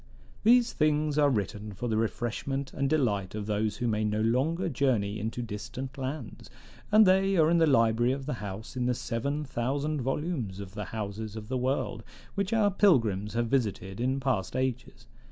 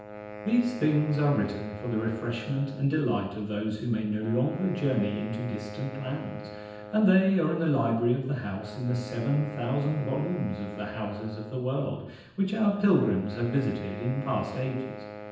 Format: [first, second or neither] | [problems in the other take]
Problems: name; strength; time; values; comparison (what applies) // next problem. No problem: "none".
first | background sound (Wind instrument, woodwind instrument); 14 dB below the speech // room echo; dies away in 0.9 s